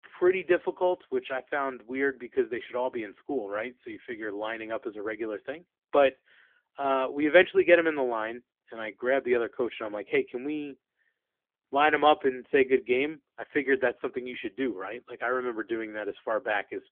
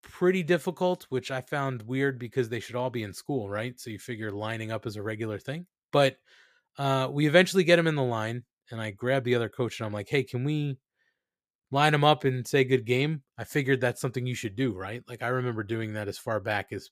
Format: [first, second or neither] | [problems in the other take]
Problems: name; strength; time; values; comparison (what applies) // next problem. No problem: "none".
second | phone-call audio; nothing above 3.5 kHz